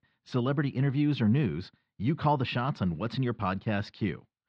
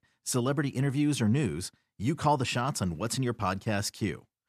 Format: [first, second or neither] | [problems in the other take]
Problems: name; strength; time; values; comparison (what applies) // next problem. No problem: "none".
second | muffled; slightly; fading above 4 kHz